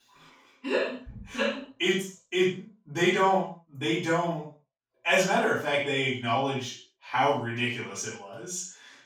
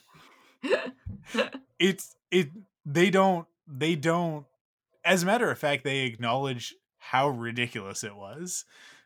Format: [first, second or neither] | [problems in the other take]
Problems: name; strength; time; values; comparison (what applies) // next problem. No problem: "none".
second | room echo; noticeable; dies away in 0.4 s // off-mic speech; far